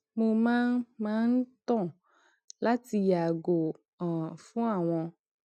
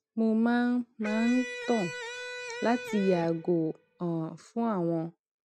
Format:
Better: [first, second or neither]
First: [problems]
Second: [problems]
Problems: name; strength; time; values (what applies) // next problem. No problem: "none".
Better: first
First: none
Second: background sound (Electric guitar); 10 dB below the speech